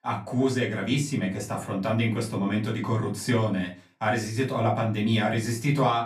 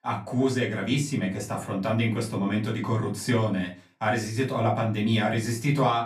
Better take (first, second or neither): neither